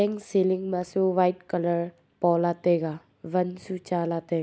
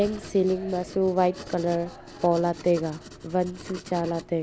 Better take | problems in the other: first | background sound (Writing); 16 dB below the speech

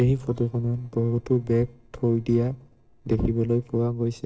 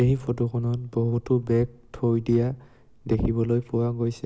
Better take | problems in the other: second | noise reduction (neural separator model SepFormer DNS4)

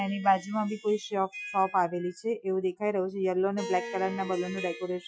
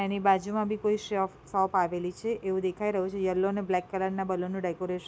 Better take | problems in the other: second | noise reduction (classical method Wiener filter)

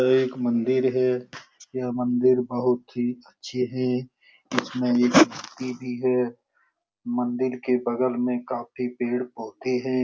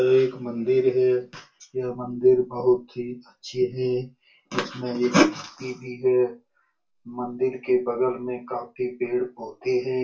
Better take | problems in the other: first | room echo; dies away in 0.2 s

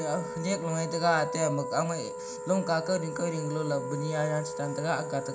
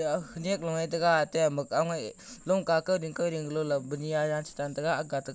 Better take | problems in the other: second | background sound (Wind instrument, woodwind instrument); 7 dB below the speech // room echo; dies away in 0.4 s

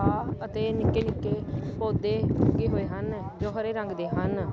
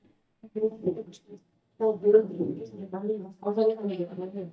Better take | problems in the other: first | noise reduction (neural mask model DeepFilterNet 3)

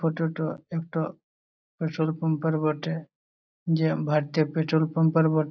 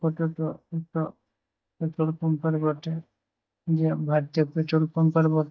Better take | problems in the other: first | noise reduction (neural mask model DeepFilterNet 3)

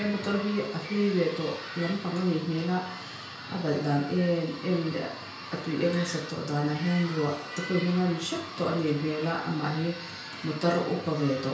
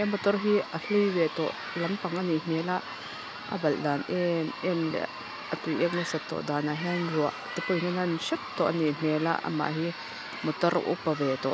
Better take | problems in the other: second | room echo; dies away in 0.5 s

